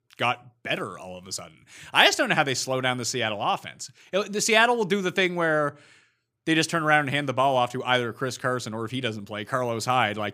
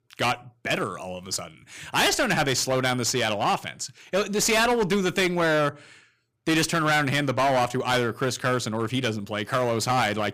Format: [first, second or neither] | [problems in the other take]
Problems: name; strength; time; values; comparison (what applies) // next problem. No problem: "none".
first | distortion; heavy; 14% of the sound clipped